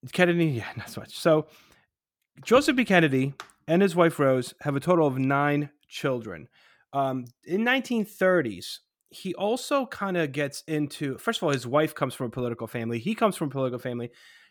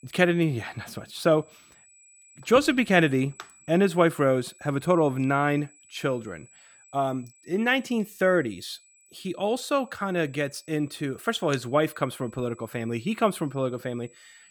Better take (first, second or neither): first